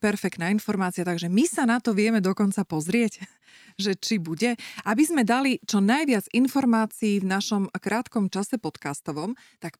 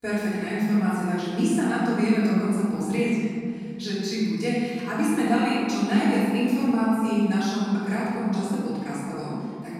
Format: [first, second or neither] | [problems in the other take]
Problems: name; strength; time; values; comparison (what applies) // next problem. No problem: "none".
first | off-mic speech; far // room echo; strong; dies away in 2.5 s